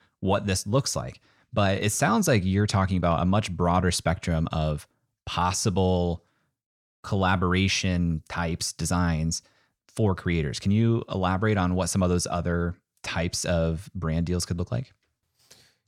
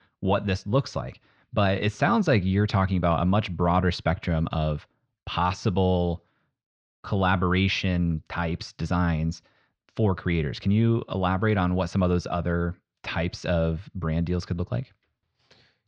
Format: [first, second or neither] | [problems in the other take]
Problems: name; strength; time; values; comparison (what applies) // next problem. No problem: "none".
first | muffled; slightly; fading above 4 kHz